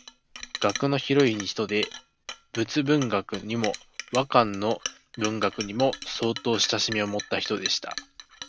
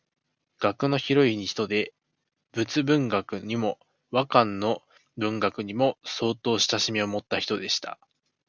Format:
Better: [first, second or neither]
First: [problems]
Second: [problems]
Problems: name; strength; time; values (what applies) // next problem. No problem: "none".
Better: second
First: background sound (Chink, clink); 12 dB below the speech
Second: none